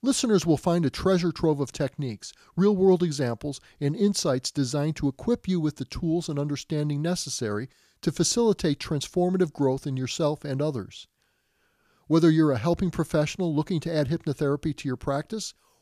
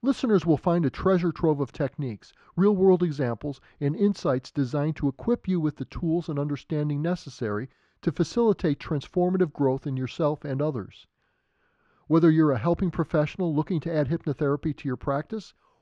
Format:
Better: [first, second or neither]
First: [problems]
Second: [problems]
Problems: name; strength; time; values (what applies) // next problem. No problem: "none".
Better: first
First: none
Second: muffled; very; fading above 2.5 kHz